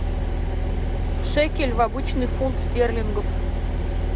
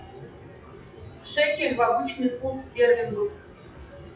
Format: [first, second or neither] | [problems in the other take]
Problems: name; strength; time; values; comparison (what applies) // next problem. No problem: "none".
first | noise reduction (classical method WPE with log-MMSE)